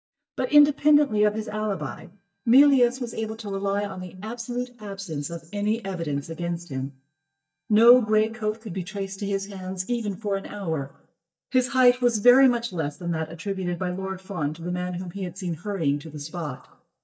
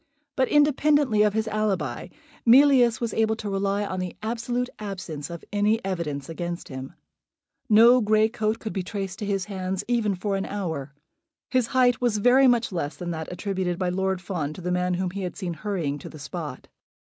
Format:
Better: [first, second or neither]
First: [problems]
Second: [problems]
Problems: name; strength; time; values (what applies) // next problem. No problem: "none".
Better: second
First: noise reduction (neural mask model DeepFilterNet 3)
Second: none